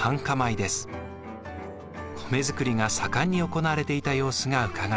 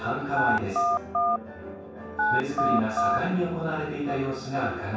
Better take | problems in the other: first | background sound (Telephone); 5 dB above the speech // room echo; dies away in 0.7 s

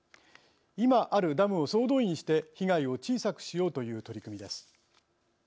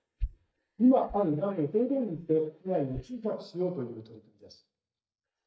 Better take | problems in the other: first | noise reduction (neural mask model DeepFilterNet 3)

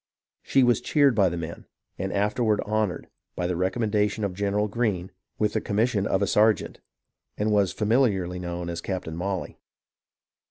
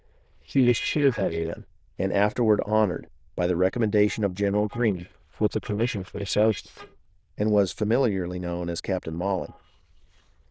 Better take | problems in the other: first | noise reduction (neural diffusion model UNIVERSE++)

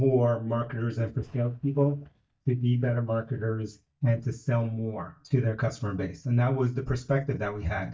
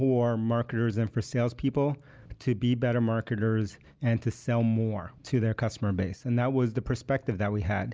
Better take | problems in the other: second | noise reduction (neural mask model DeepFilterNet 3)

